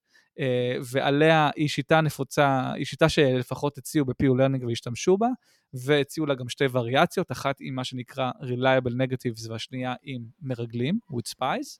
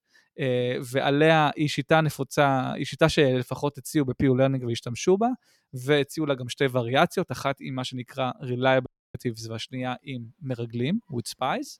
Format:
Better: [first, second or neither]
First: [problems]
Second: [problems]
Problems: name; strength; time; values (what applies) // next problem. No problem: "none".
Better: first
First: none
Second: audio cutting out; at 9 s